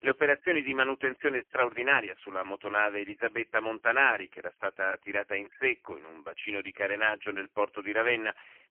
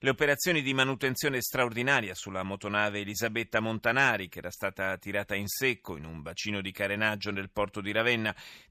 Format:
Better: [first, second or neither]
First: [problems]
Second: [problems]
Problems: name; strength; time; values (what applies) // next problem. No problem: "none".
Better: second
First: phone-call audio; poor line; nothing above 3 kHz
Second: none